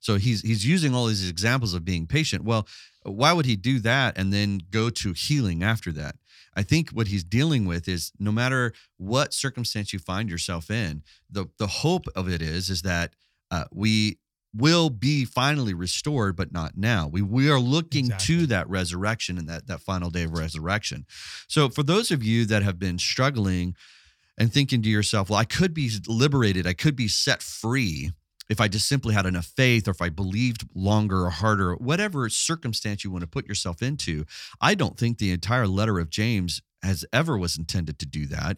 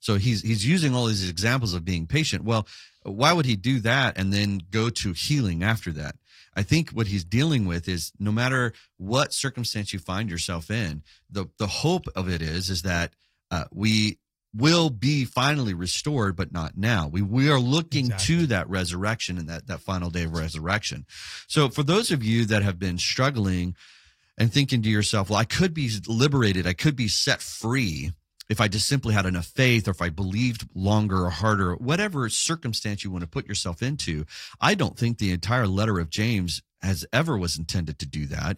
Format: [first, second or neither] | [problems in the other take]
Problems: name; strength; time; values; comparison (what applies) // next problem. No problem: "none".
first | garbled, watery; slightly; nothing above 15 kHz